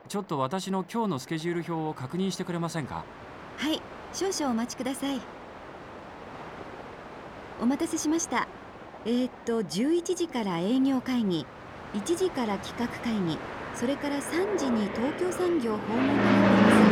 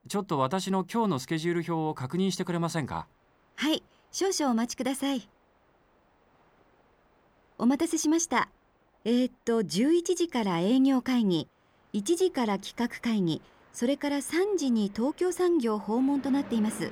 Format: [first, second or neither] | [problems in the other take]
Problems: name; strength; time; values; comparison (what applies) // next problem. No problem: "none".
second | train or aircraft noise; loud; throughout; 2 dB below the speech; faint in the second